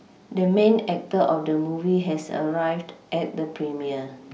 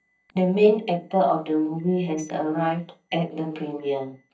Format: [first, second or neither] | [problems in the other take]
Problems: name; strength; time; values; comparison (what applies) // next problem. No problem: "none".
first | noise reduction (neural mask model DeepFilterNet 3)